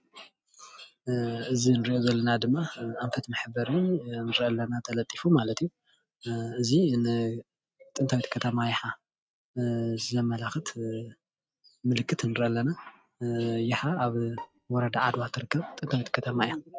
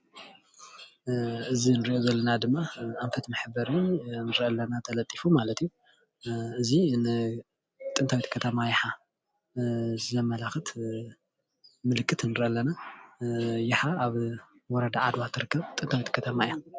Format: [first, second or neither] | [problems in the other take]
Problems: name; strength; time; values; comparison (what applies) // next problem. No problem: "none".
second | noise reduction (neural mask model RNNoise)